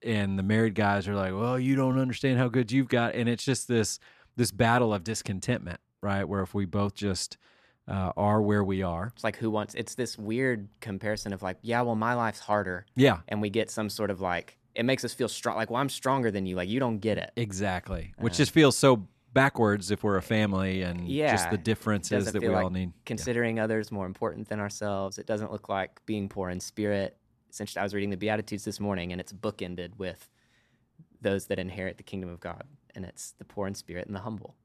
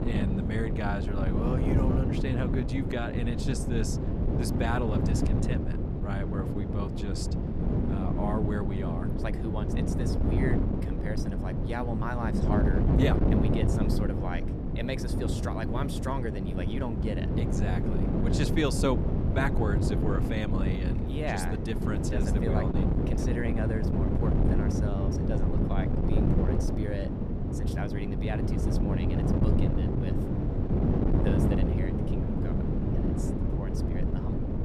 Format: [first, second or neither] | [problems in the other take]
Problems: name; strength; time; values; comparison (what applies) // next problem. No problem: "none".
first | wind noise on the microphone; heavy; 1 dB above the speech